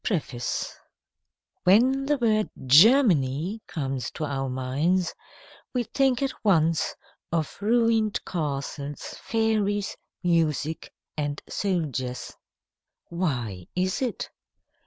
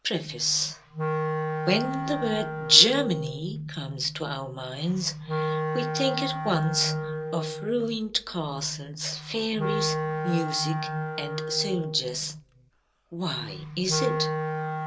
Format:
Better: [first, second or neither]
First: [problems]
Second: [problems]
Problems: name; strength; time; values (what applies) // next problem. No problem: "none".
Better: first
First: none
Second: background sound (Wind instrument, woodwind instrument); 4 dB below the speech // room echo; dies away in 0.2 s